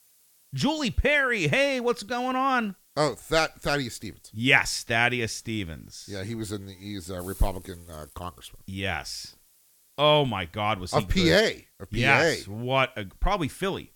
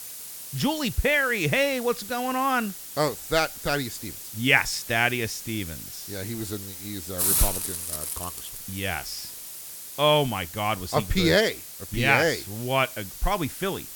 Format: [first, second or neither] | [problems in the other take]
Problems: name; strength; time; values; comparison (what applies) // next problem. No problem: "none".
first | hiss; loud; throughout; 8 dB below the speech; faint in the first